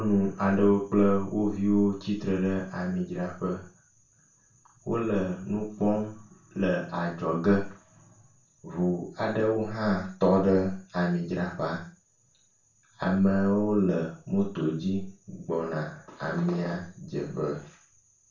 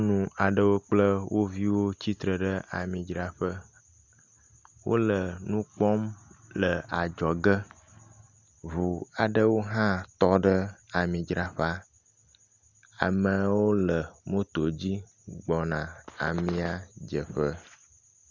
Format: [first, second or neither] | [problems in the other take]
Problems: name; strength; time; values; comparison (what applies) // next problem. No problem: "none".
second | room echo; dies away in 0.4 s